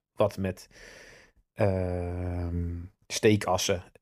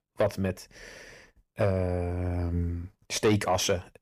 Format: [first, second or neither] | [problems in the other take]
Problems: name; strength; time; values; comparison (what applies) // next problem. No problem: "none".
first | distortion; slight; 10 dB below the speech